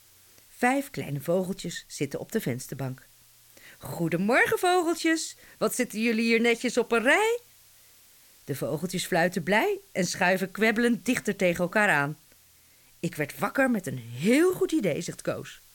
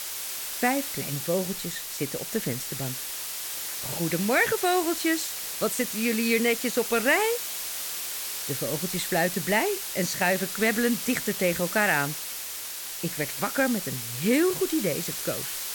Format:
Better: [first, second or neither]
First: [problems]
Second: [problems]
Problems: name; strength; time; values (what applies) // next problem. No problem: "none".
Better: first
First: hiss; faint; throughout; 30 dB below the speech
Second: hiss; loud; throughout; 4 dB below the speech